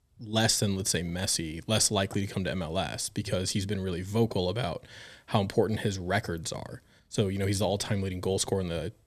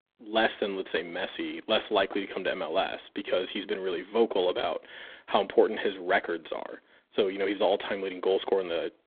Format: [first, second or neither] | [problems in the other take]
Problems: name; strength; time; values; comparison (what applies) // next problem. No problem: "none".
first | phone-call audio; poor line; nothing above 3.5 kHz